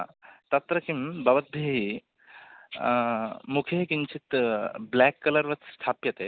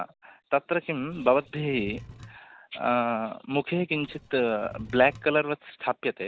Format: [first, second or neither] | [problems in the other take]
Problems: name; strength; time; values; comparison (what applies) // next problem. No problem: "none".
first | background sound (Wood / Tools); 18 dB below the speech